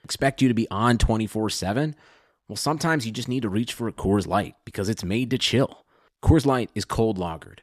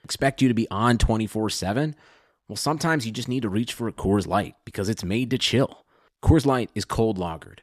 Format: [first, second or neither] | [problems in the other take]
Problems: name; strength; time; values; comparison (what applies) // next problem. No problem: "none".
neither | none